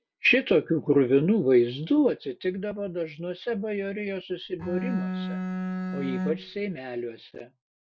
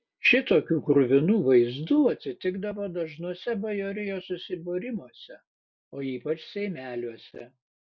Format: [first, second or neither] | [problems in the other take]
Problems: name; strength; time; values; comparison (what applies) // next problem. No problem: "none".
second | background sound (Bowed string instrument); 5 dB below the speech